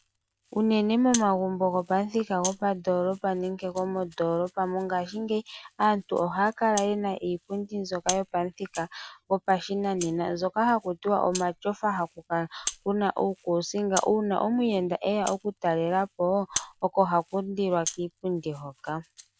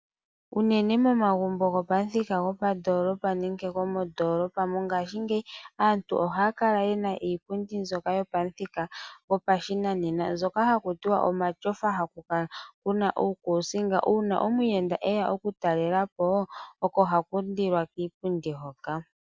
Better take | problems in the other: second | background sound (Rattle (instrument)); 15 dB below the speech

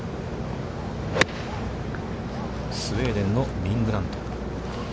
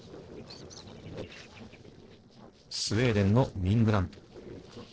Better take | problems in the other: first | noise reduction (neural separator model SepFormer DNS4)

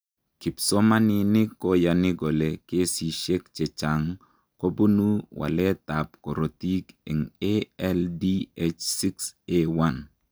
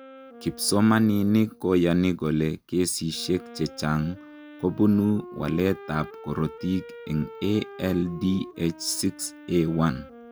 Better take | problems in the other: first | background sound (Wind instrument, woodwind instrument); 18 dB below the speech

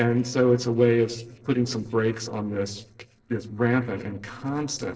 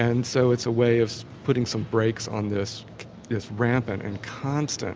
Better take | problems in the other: second | noise reduction (neural separator model SepFormer DNS4)

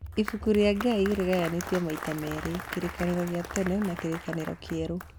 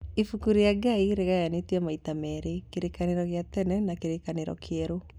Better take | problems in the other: second | background sound (Applause); 11 dB below the speech

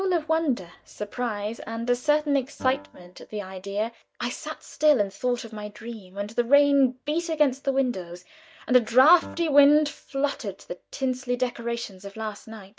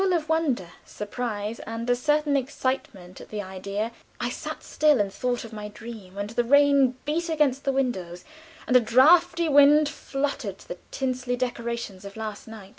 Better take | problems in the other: second | noise reduction (neural mask model DeepFilterNet 3)

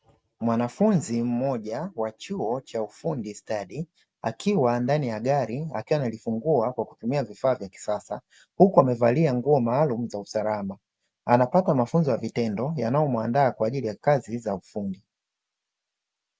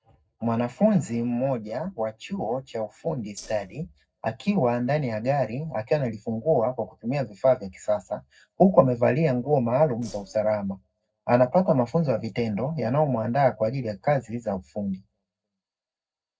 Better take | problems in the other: first | noise reduction (neural separator model SepFormer DNS4)

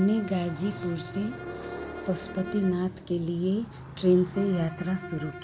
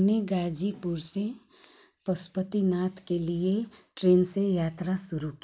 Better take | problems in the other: second | background sound (Bowed string instrument + Motorcycle); 11 dB below the speech

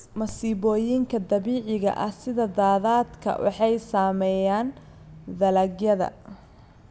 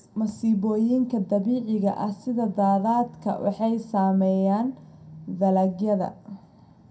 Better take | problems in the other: first | room echo; dies away in 0.2 s

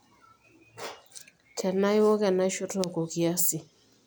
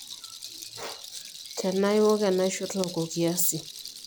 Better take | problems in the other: first | background sound (Rattle); 13 dB below the speech

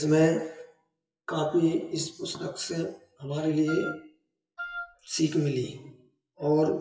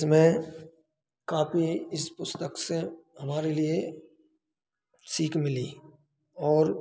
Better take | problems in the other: second | noise reduction (classical method WPE with log-MMSE)

